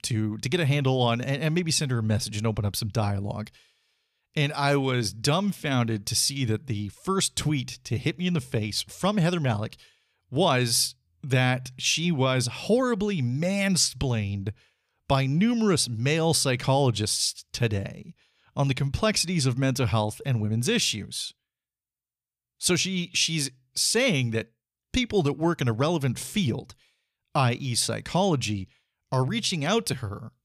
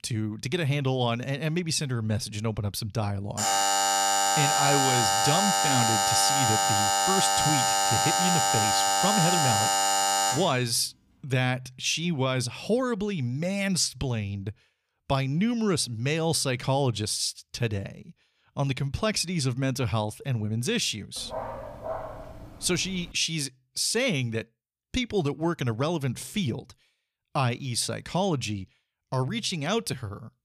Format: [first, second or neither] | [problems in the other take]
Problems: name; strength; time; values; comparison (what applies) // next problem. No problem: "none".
first | alarm; loud; from 3.5 to 11 s; peak 6 dB above the speech // dog barking; noticeable; from 21 to 23 s; peak 7 dB below the speech